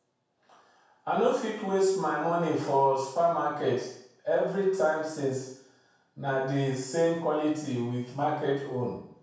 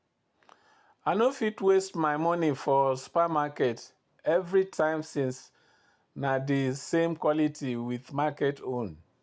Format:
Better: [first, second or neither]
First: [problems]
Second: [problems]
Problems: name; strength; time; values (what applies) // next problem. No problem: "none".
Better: second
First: room echo; dies away in 0.6 s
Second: none